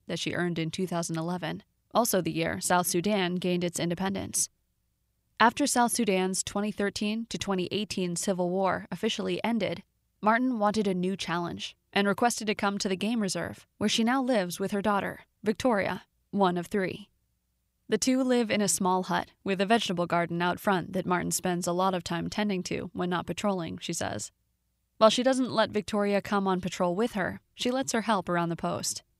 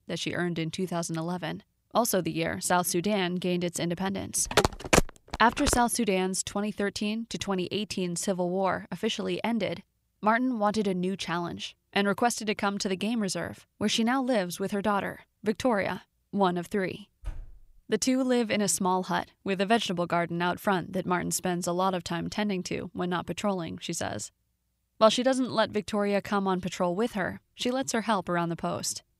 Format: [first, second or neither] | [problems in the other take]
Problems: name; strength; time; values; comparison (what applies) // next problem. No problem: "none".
first | phone ringing; loud; from 4.5 to 6 s; peak 5 dB above the speech // door banging; faint; at 17 s; peak 15 dB below the speech